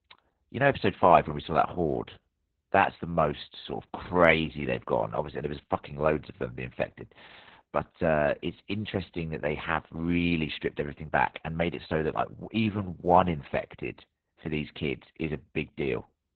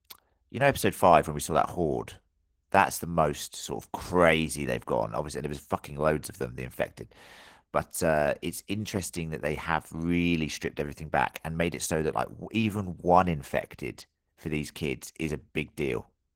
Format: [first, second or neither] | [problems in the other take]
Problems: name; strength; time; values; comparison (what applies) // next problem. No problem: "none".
second | garbled, watery; badly; nothing above 4 kHz; slightly in the second